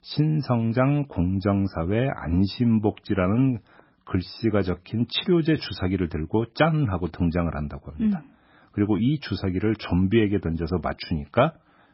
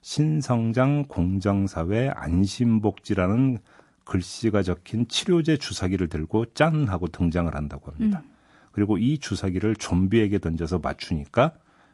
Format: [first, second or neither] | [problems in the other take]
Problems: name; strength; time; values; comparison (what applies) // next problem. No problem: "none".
second | garbled, watery; badly; nothing above 5.5 kHz; slightly in the second